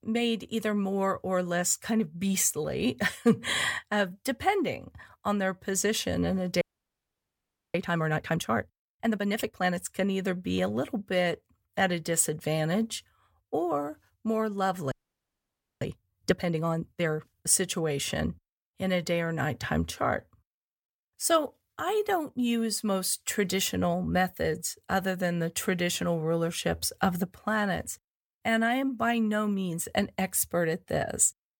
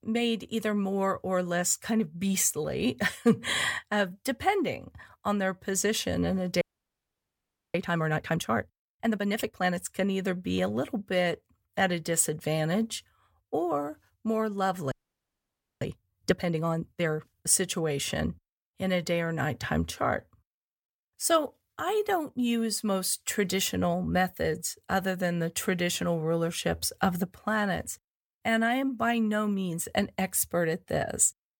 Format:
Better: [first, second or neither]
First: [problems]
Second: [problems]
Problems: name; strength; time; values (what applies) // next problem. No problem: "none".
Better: neither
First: audio freezing; at 6.5 s for 1 s and at 15 s for 1 s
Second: audio freezing; at 6.5 s for 1 s and at 15 s for 1 s